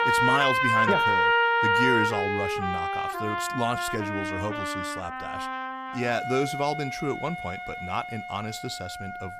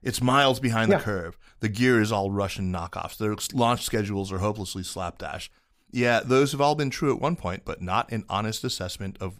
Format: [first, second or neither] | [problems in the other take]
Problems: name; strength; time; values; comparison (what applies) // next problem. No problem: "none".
second | background music; very loud; throughout; 5 dB above the speech